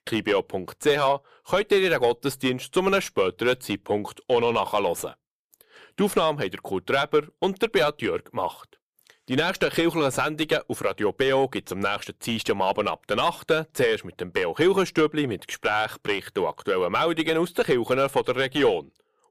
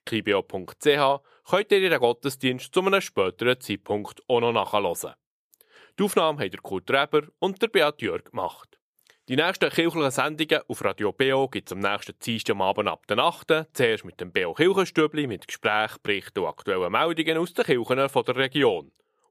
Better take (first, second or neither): second